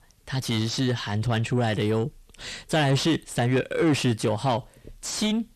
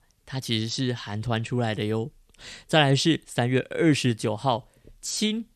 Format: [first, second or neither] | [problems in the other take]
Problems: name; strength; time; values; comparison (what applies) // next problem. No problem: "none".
second | distortion; heavy; 7 dB below the speech